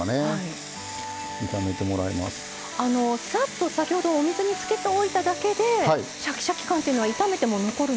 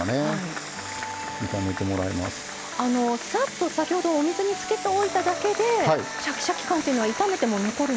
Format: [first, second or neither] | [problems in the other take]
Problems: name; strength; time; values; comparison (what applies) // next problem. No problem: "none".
first | background sound (Applause / Crowd / Cheering); 13 dB below the speech